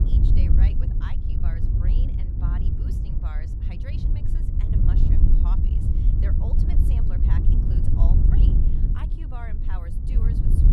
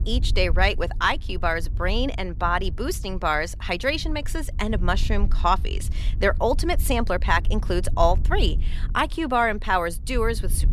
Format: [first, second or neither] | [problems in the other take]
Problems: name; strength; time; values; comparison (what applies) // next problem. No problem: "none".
second | wind noise on the microphone; heavy; 5 dB above the speech; occasional gusts in the second